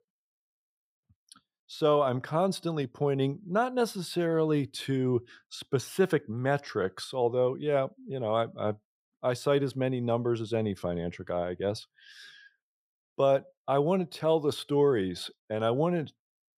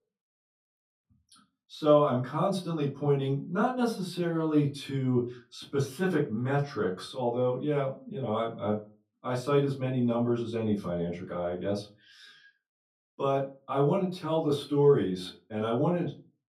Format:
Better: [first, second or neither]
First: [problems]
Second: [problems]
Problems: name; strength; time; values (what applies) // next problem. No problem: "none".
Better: first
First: none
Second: off-mic speech; far // room echo; slight; dies away in 0.2 s